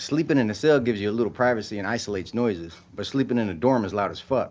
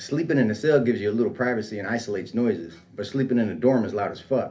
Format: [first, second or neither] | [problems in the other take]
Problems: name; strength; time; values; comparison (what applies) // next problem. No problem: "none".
first | room echo; dies away in 0.3 s